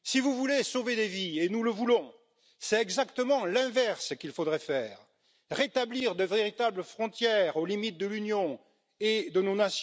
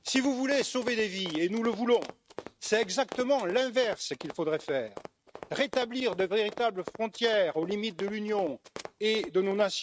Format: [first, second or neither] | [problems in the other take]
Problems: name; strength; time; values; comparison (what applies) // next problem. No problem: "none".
first | noise reduction (neural mask model RNNoise)